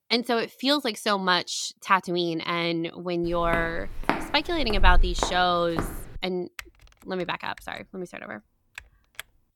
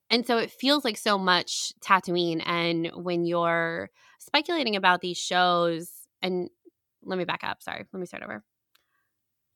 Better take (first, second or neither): second